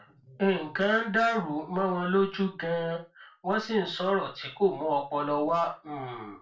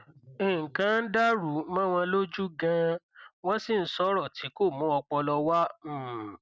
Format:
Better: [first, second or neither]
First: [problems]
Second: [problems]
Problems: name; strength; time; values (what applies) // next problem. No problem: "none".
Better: second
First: room echo; dies away in 0.3 s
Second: none